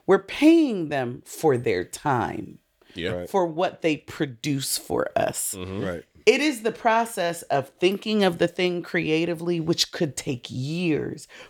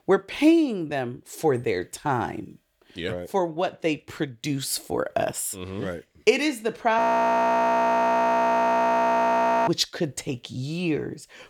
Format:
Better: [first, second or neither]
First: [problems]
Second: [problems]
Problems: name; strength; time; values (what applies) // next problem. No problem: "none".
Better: first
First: none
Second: audio freezing; at 7 s for 2.5 s